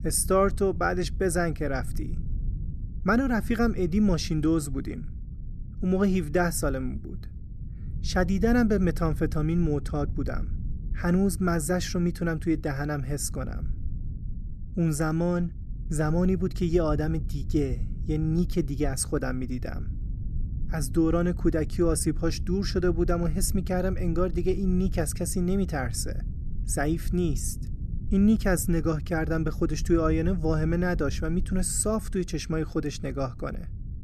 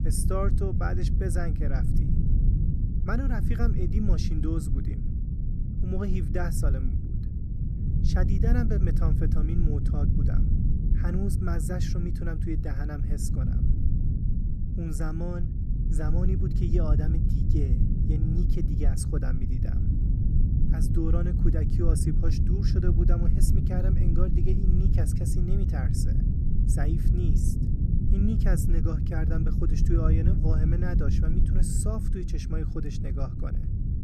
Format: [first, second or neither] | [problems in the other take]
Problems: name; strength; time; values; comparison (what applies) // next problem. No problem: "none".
first | low rumble; loud; throughout; 2 dB below the speech; faint in the first